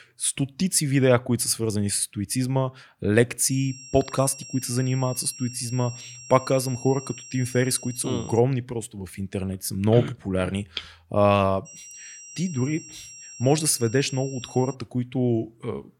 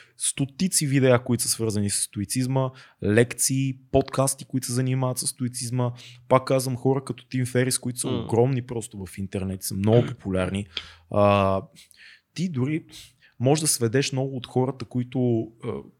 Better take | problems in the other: second | high-pitched whine; noticeable; from 3.5 to 8.5 s and from 12 to 15 s; 5.5 kHz, 15 dB below the speech

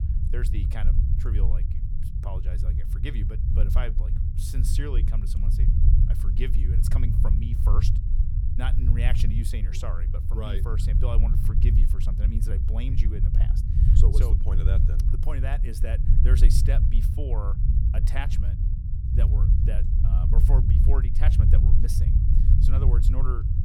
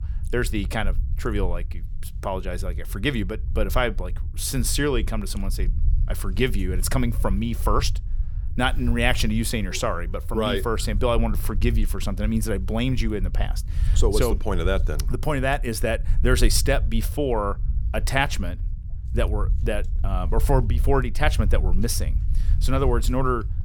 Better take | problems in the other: second | low rumble; loud; throughout; 1 dB below the speech; faint in the second

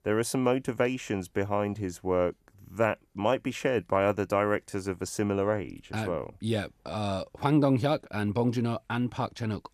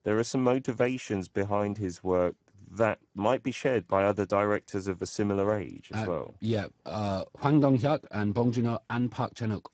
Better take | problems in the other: first | garbled, watery; badly; nothing above 8 kHz

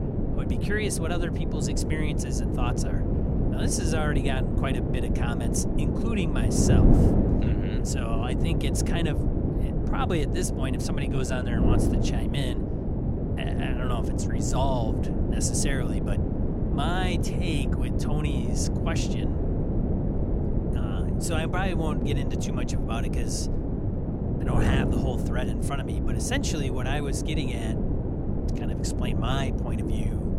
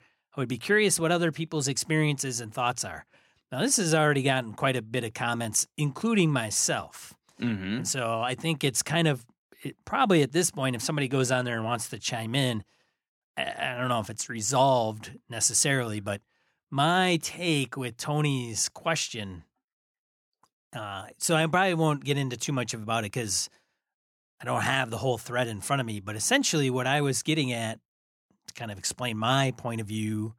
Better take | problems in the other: second | wind noise on the microphone; heavy; 1 dB below the speech

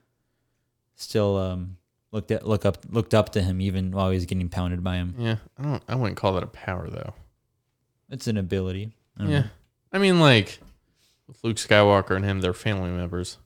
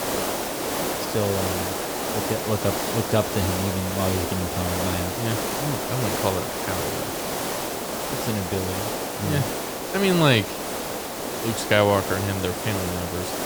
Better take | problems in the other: first | hiss; loud; throughout; 1 dB below the speech

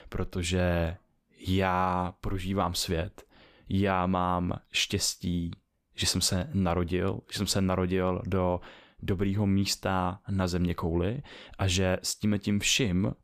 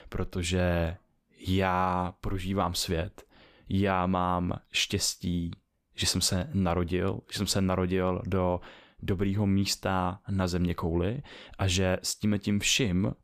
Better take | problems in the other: neither | none

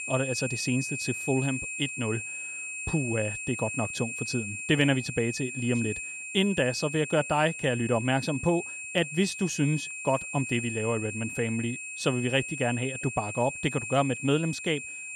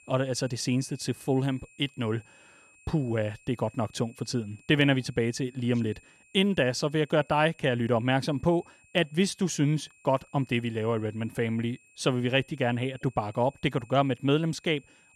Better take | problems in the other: second | high-pitched whine; loud; throughout; 2.5 kHz, 6 dB below the speech; faint in the second

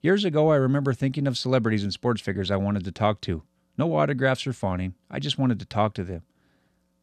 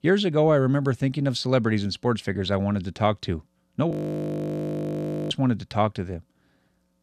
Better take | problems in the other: first | audio freezing; at 4 s for 1.5 s

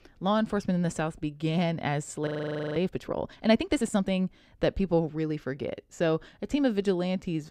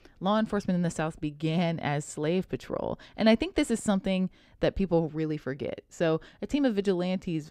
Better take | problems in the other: second | audio freezing; at 2.5 s

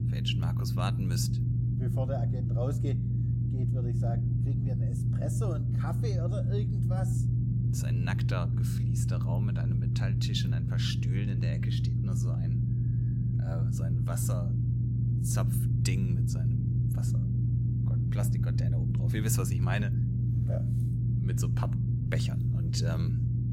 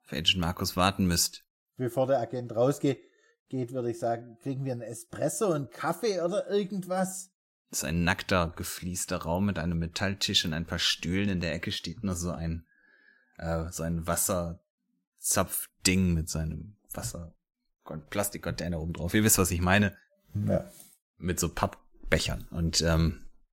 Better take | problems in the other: second | low rumble; loud; throughout; as loud as the speech

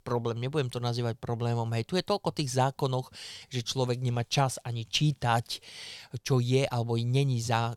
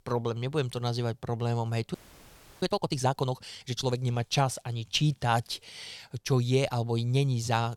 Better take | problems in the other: first | audio freezing; at 2 s for 0.5 s

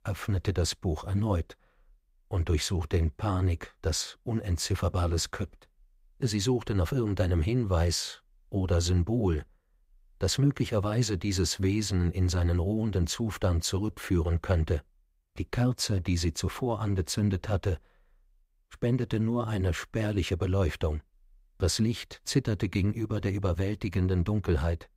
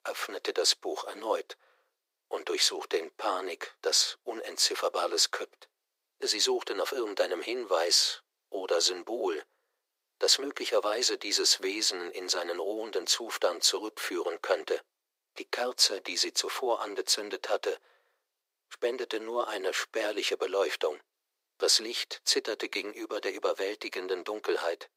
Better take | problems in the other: first | thin; very; fading below 400 Hz

